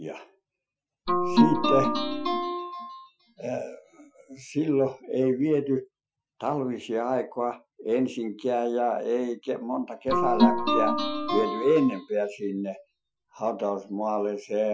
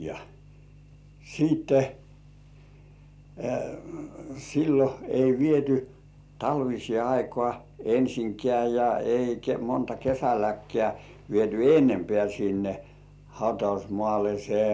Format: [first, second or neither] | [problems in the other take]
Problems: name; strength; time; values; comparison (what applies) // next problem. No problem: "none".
second | noise reduction (classical method Wiener filter)